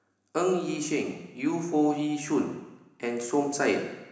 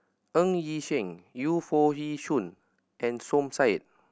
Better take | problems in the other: second | room echo; dies away in 1 s

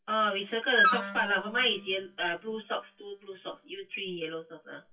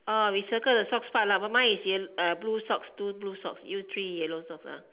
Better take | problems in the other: second | noise reduction (classical method WPE with log-MMSE)

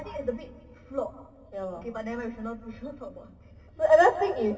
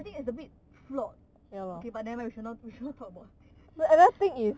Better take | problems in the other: second | room echo; dies away in 1.5 s

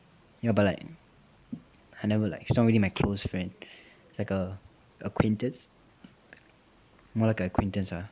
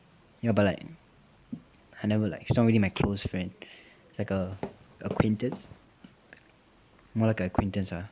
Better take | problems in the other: first | background sound (Walk, footsteps); 12 dB below the speech

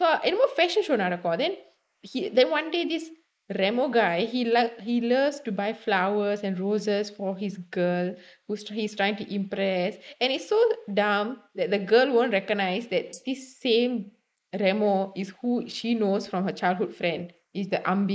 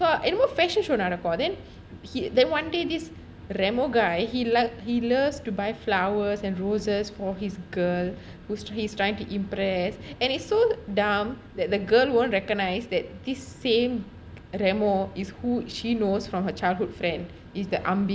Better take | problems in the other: second | noise reduction (neural mask model Resemble Enhance denoiser)

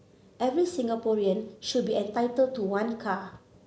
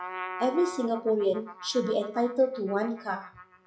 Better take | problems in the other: first | noise reduction (classical method log-MMSE)

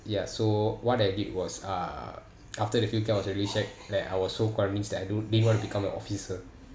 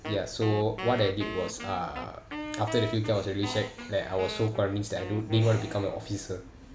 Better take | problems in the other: first | background sound (Wind instrument, woodwind instrument); 11 dB below the speech

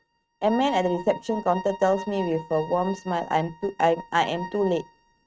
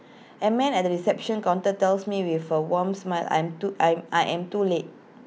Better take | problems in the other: second | noise reduction (neural mask model RNNoise)

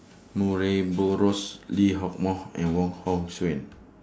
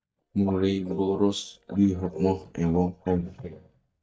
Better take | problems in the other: first | noise reduction (neural mask model DeepFilterNet 3)

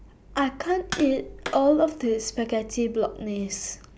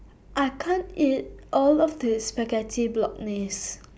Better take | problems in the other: second | background sound (Tap); 14 dB below the speech

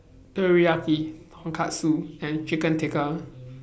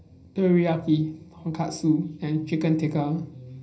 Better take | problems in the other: first | room echo; dies away in 0.4 s

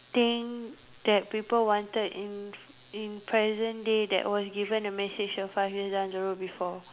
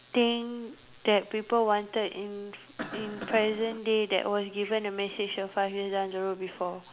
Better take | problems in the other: first | background sound (Cough); 11 dB below the speech

